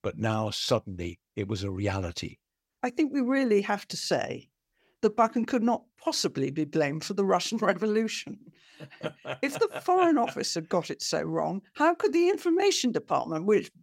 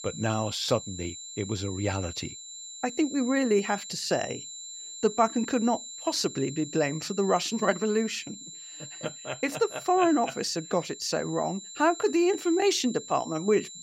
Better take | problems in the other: first | high-pitched whine; noticeable; throughout; 7.5 kHz, 10 dB below the speech

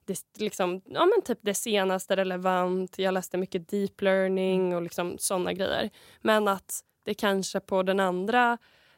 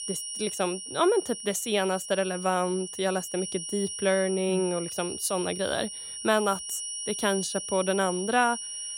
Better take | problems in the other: first | high-pitched whine; loud; throughout; 9.5 kHz, 6 dB below the speech

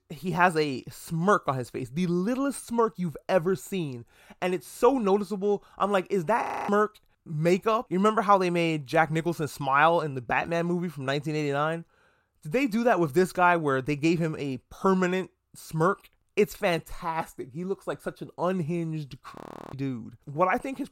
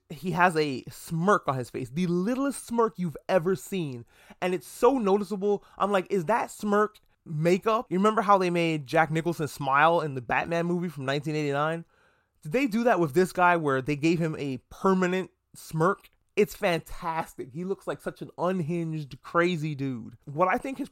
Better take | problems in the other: second | audio freezing; at 6.5 s and at 19 s

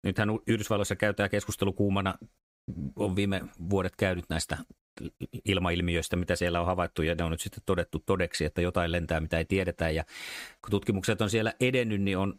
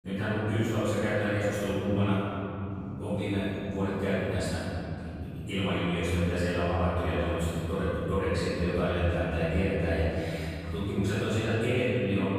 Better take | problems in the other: first | room echo; strong; dies away in 3 s // off-mic speech; far

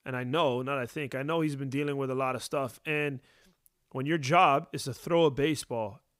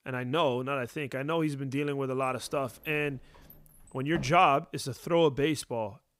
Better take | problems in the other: first | door banging; faint; from 2 to 4.5 s; peak 15 dB below the speech

